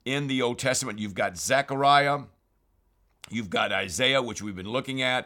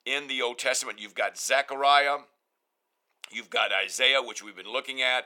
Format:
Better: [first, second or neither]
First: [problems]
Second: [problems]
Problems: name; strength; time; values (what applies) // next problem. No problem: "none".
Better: first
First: none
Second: thin; very; fading below 450 Hz